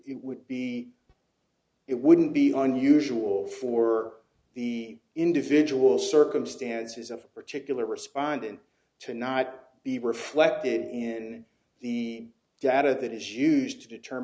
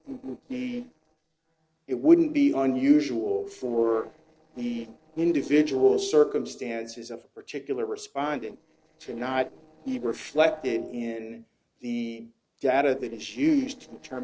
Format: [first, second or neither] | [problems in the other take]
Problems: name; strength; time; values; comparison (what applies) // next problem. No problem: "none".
first | noise reduction (neural separator model SepFormer DNS4)